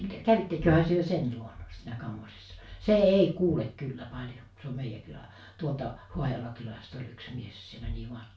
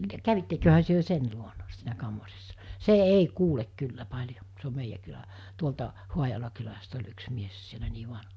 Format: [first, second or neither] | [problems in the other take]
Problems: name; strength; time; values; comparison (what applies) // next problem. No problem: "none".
second | room echo; dies away in 0.3 s